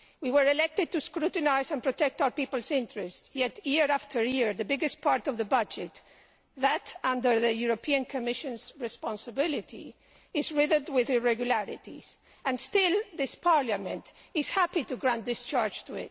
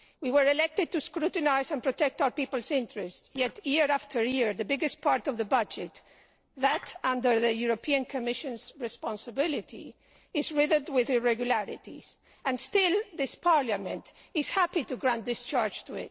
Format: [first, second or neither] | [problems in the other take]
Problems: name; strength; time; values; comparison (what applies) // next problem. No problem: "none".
first | noise reduction (neural separator model SepFormer DNS4)